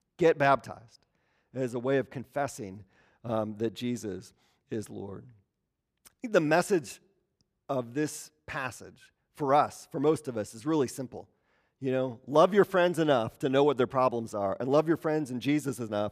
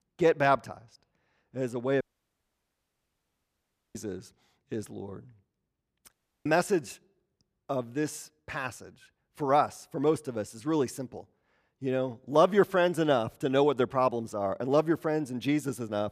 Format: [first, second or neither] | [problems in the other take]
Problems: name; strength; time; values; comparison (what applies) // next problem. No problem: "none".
first | audio cutting out; at 2 s for 2 s and at 6 s